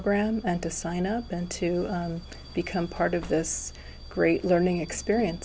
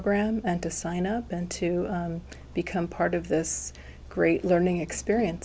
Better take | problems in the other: second | background sound (Bus / Alarm); 20 dB below the speech

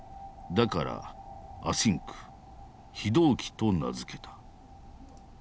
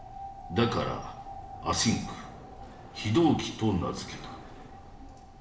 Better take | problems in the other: first | background sound (Mechanisms); 19 dB below the speech // room echo; dies away in 0.7 s

